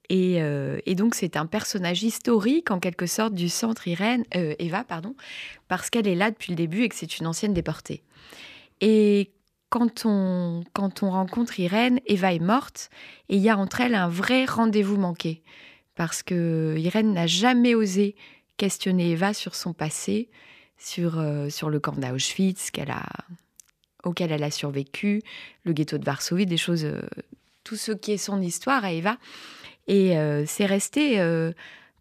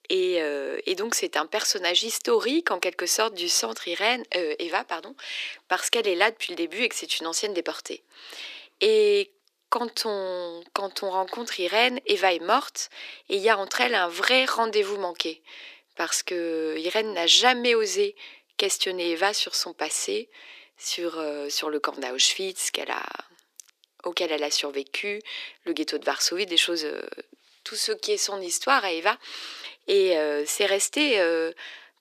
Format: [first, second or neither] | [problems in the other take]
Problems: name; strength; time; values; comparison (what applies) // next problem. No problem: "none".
first | thin; very; fading below 350 Hz